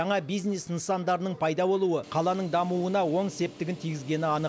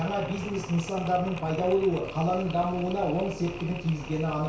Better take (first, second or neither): first